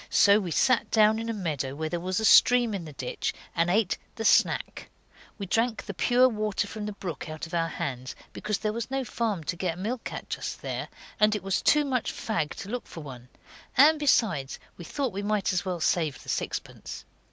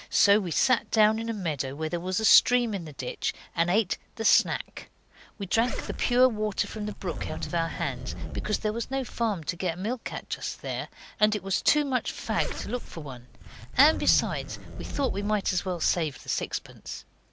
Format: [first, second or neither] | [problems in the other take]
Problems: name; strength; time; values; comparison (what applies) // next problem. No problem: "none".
first | background sound (Zipper (clothing)); 6 dB below the speech